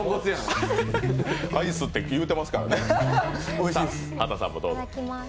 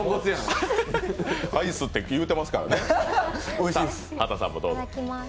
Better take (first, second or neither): second